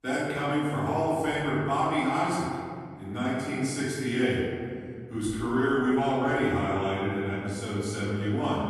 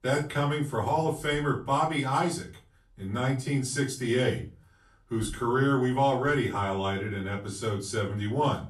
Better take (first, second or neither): second